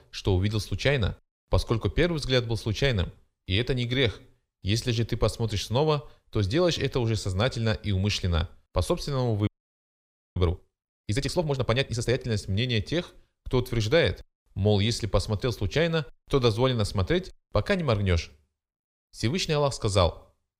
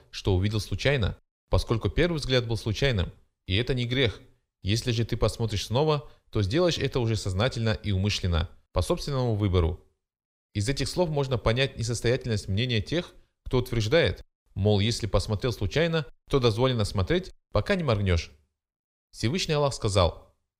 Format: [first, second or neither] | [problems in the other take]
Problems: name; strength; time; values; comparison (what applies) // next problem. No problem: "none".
second | audio freezing; at 9.5 s for 1 s